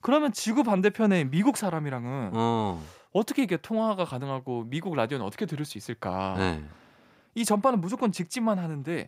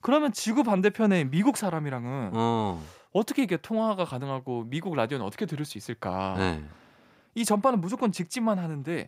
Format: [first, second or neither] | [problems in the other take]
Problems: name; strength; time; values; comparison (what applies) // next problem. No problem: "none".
neither | none